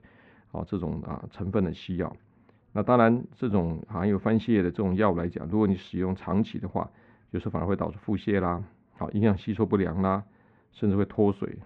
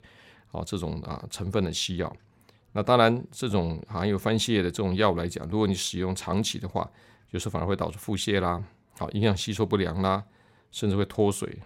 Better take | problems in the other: second | muffled; very; fading above 2 kHz

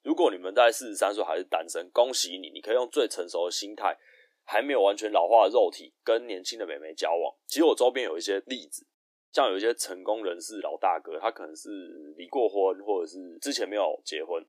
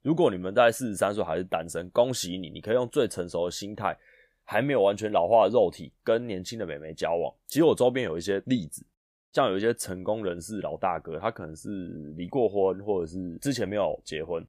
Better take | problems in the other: second | thin; somewhat; fading below 300 Hz

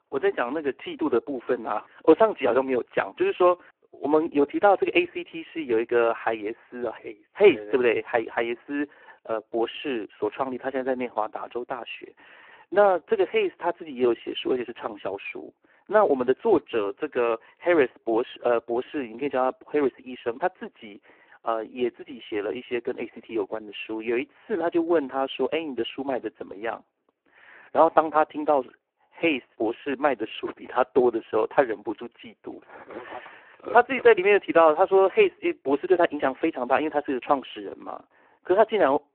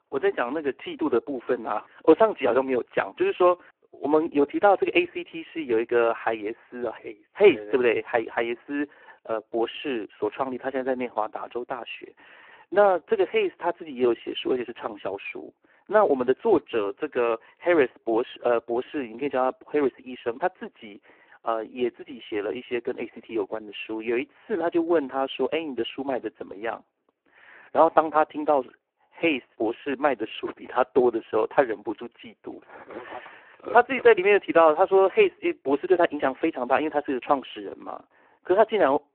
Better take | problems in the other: neither | phone-call audio; poor line; the same in both

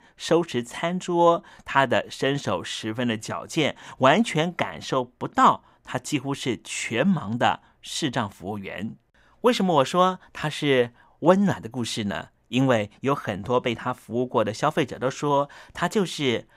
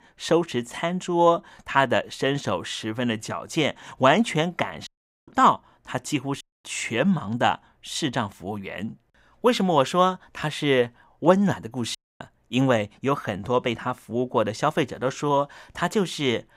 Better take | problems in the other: first | audio cutting out; at 5 s, at 6.5 s and at 12 s

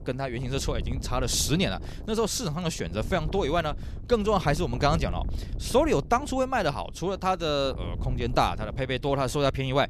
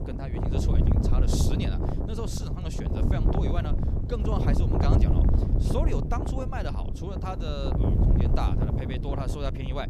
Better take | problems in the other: first | wind noise on the microphone; heavy; as loud as the speech; occasional gusts in the first

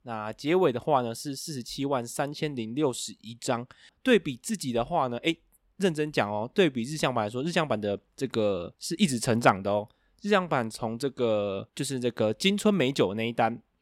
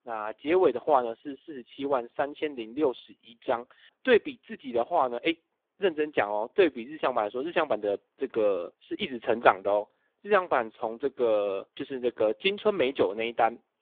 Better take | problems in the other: first | phone-call audio; poor line

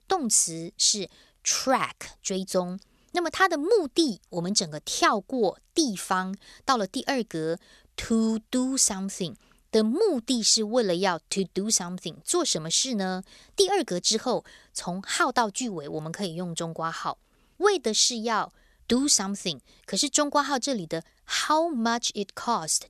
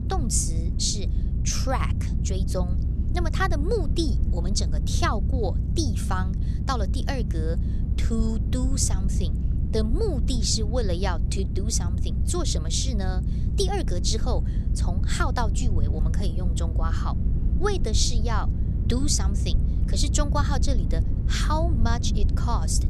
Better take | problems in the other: first | low rumble; noticeable; throughout; 10 dB below the speech

